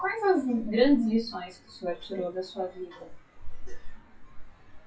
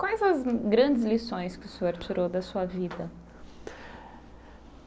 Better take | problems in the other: second | noise reduction (classical method WPE with log-MMSE)

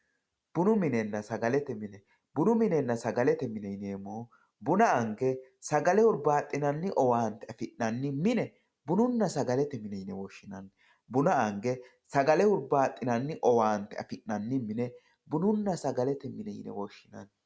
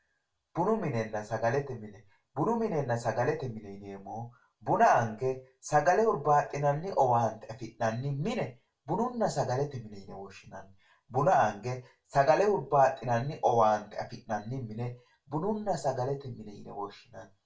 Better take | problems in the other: first | room echo; dies away in 0.2 s

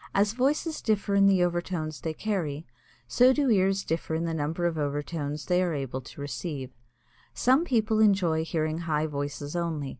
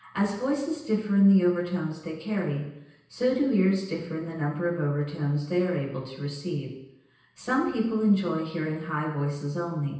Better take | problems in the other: first | room echo; dies away in 0.9 s

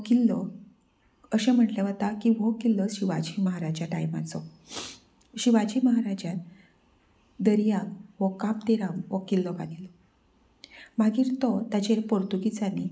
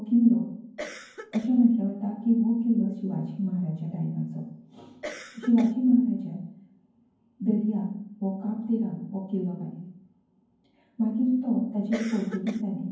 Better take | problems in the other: first | background sound (Cough); 13 dB below the speech // room echo; dies away in 0.9 s

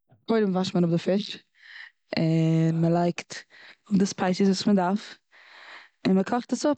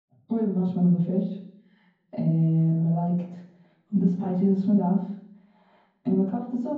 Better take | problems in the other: first | room echo; dies away in 0.9 s

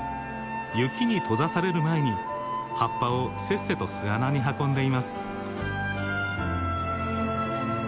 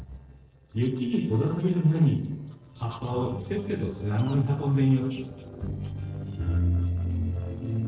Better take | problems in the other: first | noise reduction (neural separator model SepFormer DNS4)

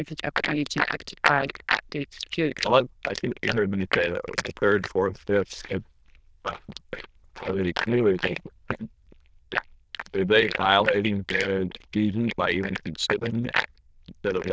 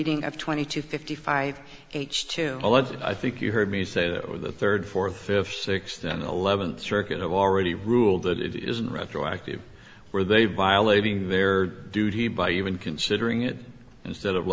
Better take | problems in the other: second | noise reduction (neural diffusion model UNIVERSE++)

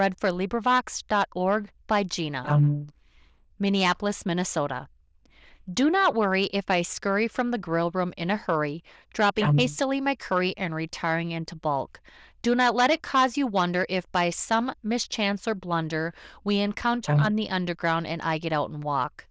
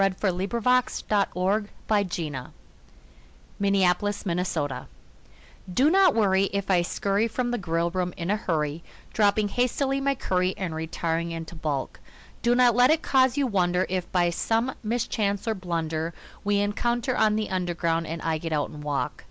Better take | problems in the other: second | noise reduction (neural diffusion model UNIVERSE++)

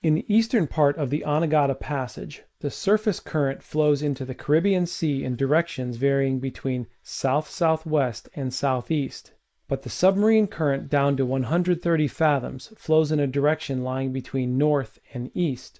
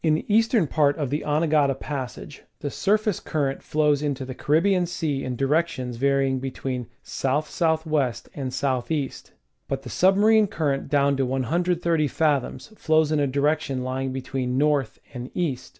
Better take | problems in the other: second | noise reduction (neural mask model Resemble Enhance denoiser)

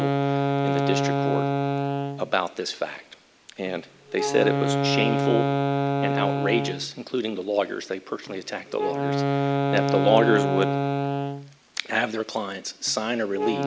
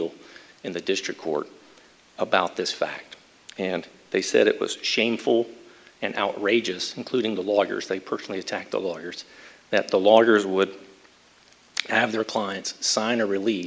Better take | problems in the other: second | background sound (Wind instrument, woodwind instrument); 1 dB above the speech

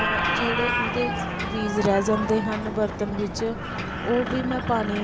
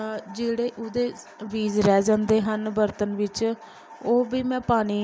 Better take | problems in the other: second | background sound (Ocean + Squeak); 2 dB below the speech

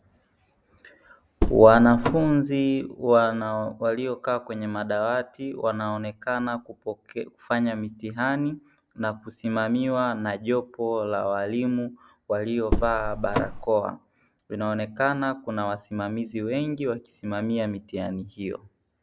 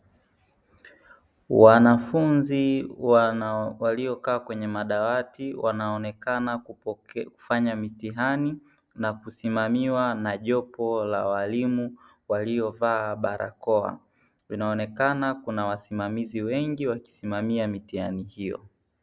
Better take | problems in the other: second | background sound (Car); 1 dB below the speech

